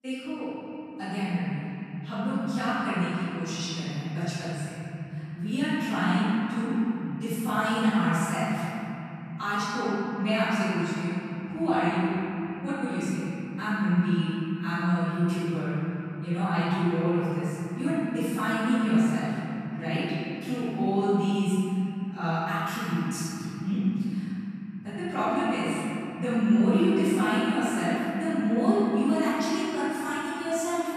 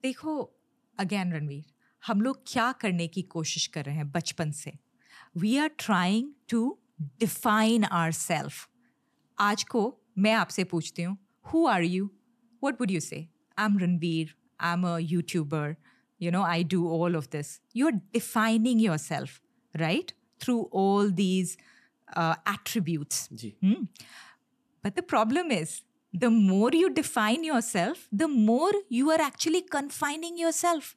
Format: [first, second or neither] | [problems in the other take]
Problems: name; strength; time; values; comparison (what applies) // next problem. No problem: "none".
second | off-mic speech; far // room echo; strong; dies away in 3 s